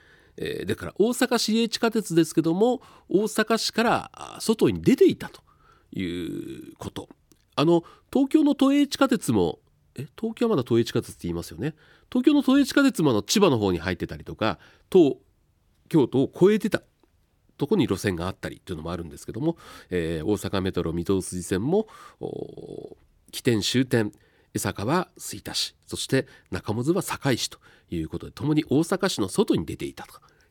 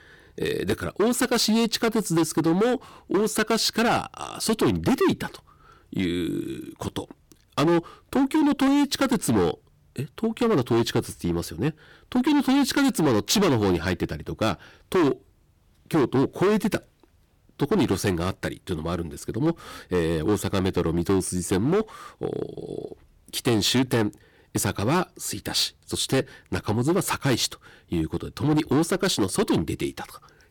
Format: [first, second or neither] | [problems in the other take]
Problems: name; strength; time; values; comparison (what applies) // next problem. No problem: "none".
first | distortion; heavy; 12% of the sound clipped